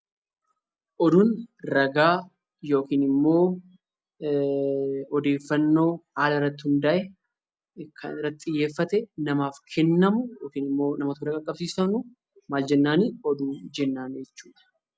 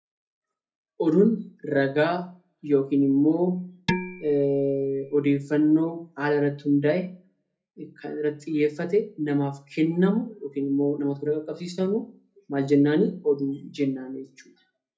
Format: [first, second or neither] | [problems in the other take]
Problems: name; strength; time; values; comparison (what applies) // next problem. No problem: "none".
first | background sound (Dishes, pots, and pans); 8 dB below the speech // room echo; dies away in 0.3 s